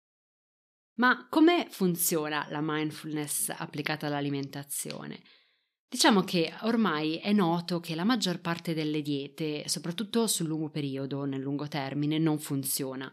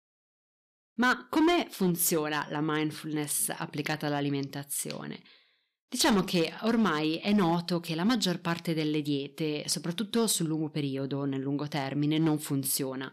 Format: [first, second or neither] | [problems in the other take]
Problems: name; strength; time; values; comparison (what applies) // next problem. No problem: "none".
first | distortion; slight; 4% of the sound clipped